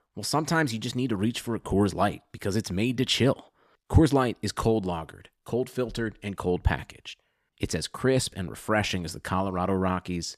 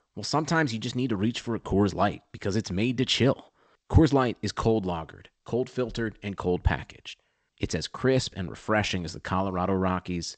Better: first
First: none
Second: garbled, watery; slightly; nothing above 8 kHz

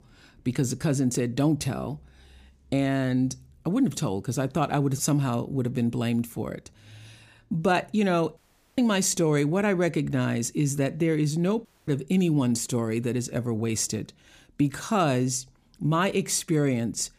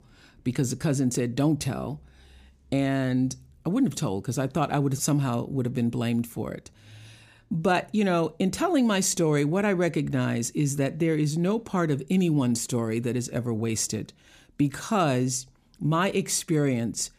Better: second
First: audio cutting out; at 8.5 s and at 12 s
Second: none

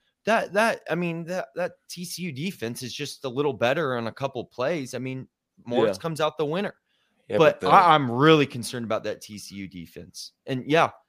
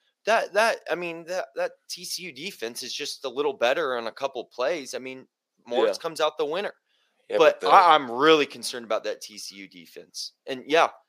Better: first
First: none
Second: thin; somewhat; fading below 450 Hz

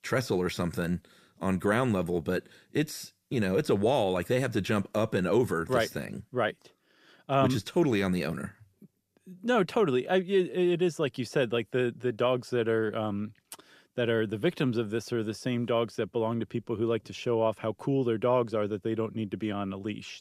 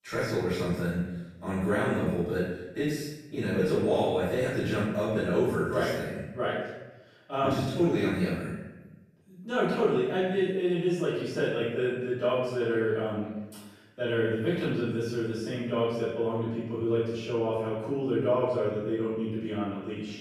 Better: first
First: none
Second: off-mic speech; far // room echo; strong; dies away in 0.9 s

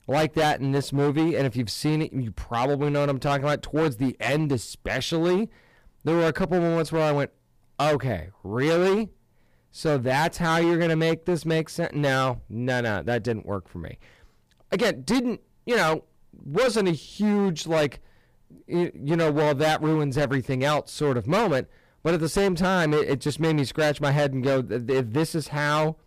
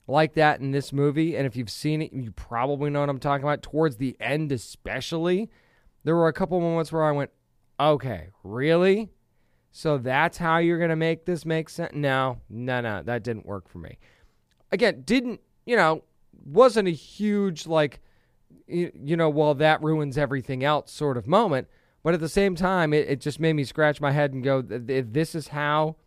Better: second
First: distortion; heavy; 14% of the sound clipped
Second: none

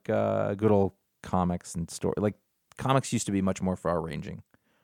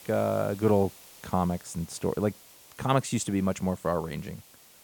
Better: first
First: none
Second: hiss; faint; throughout; 20 dB below the speech

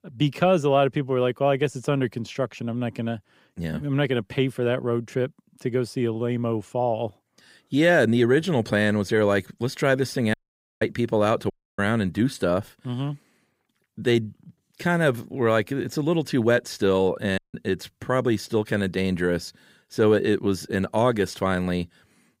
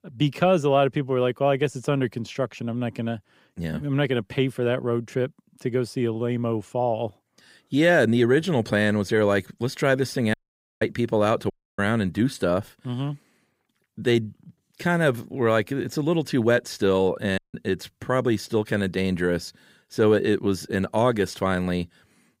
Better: neither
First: audio cutting out; at 10 s, at 12 s and at 17 s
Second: audio cutting out; at 10 s, at 12 s and at 17 s

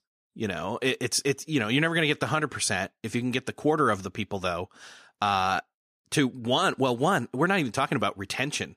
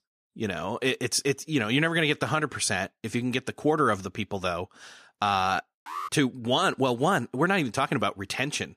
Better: first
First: none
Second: alarm; noticeable; at 6 s; peak 10 dB below the speech

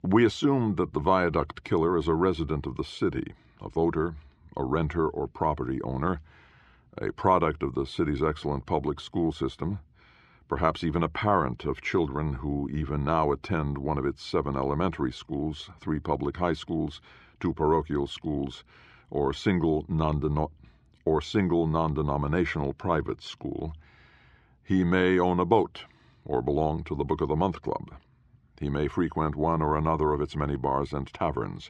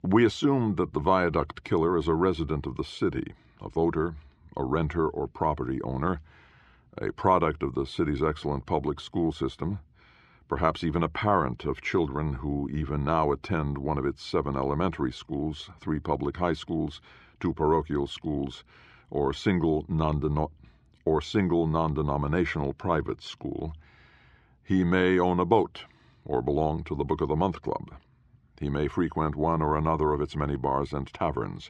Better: neither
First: muffled; slightly; fading above 3 kHz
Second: muffled; slightly; fading above 3 kHz

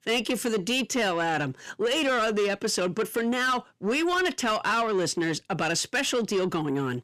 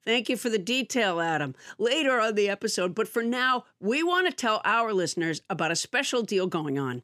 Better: second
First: distortion; slight; 10 dB below the speech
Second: none

